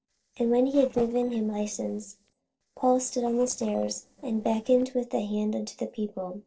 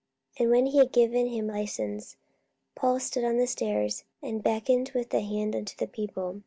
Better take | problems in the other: second | noise reduction (neural separator model SepFormer DNS4)

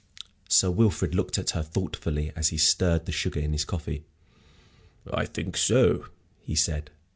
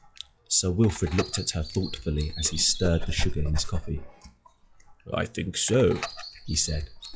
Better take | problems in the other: first | noise reduction (classical method log-MMSE)

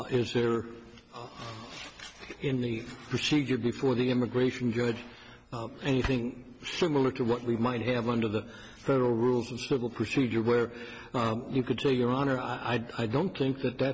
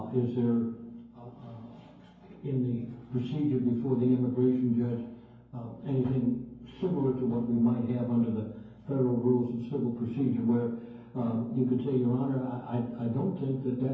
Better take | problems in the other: first | room echo; dies away in 0.9 s

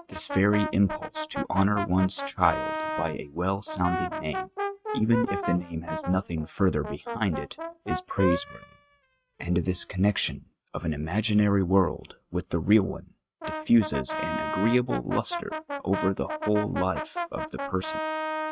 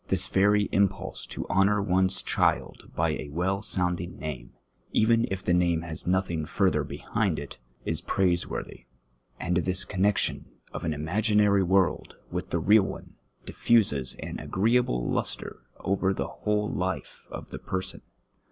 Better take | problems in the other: second | noise reduction (neural mask model RNNoise)

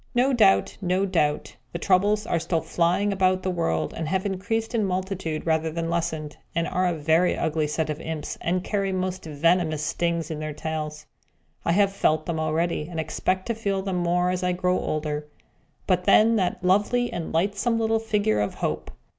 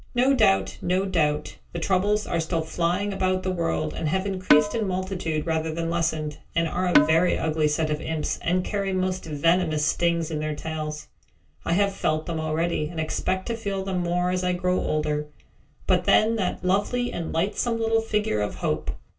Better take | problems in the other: first | background sound (Percussion); 1 dB above the speech // room echo; dies away in 0.2 s

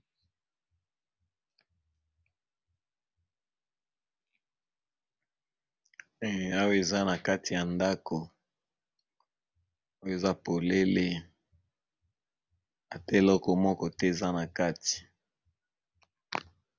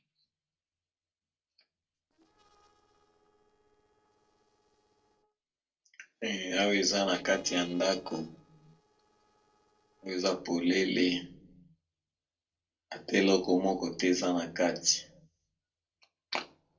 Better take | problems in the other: first | noise reduction (neural separator model SepFormer DNS4)

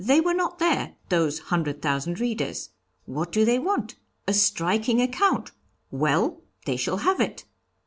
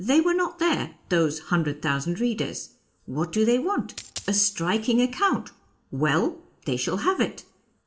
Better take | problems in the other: first | background sound (Coin (dropping)); 14 dB below the speech // room echo; dies away in 0.4 s

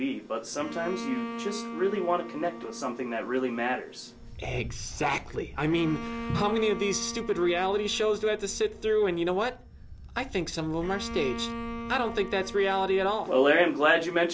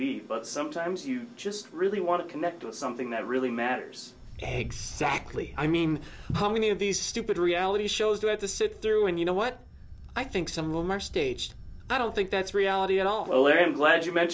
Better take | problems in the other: second | background sound (Bowed string instrument); 12 dB below the speech

